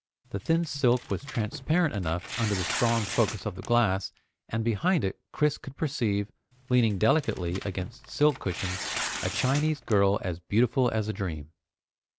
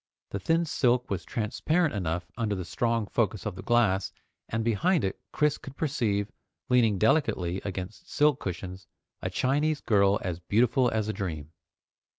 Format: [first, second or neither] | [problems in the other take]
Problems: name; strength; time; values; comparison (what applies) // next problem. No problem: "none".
second | background sound (Tearing); 11 dB below the speech